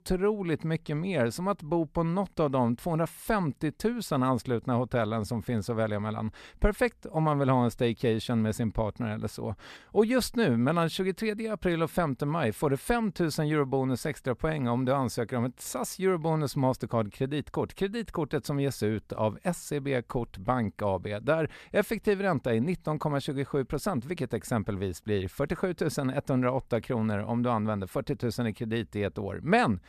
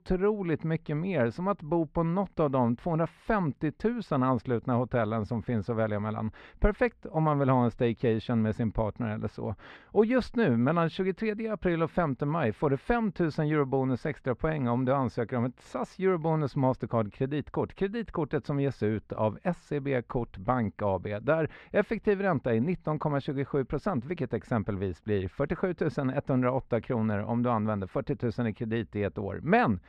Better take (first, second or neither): first